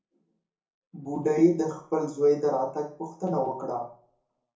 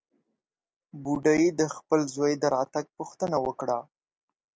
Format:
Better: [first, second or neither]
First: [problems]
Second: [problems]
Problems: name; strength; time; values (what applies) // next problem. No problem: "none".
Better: second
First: room echo; dies away in 0.7 s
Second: none